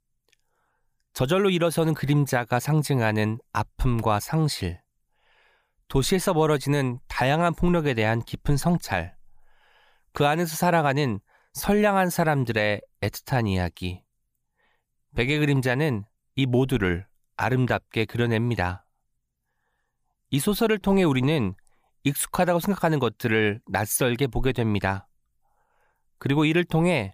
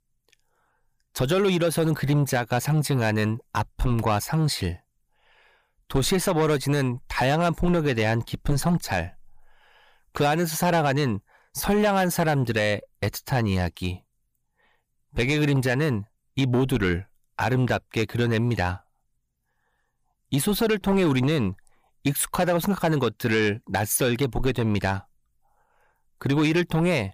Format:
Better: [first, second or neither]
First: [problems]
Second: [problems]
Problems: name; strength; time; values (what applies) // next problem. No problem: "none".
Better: first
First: none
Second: distortion; slight; 10 dB below the speech